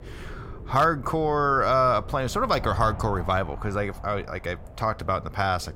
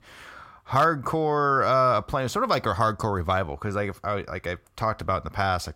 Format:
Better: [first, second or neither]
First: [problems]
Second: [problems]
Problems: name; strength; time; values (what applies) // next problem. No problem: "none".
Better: second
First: wind noise on the microphone; occasional gusts; 20 dB below the speech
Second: none